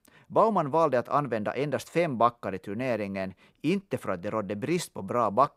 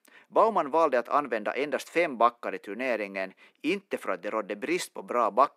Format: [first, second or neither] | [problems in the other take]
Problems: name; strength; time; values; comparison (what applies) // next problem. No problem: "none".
first | thin; very slightly; fading below 250 Hz